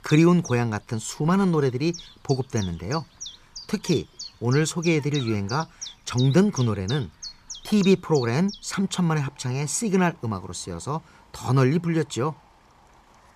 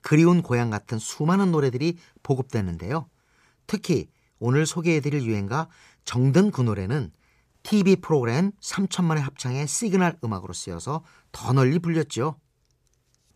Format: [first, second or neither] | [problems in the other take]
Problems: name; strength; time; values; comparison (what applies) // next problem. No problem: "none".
second | animal sounds; noticeable; throughout; 15 dB below the speech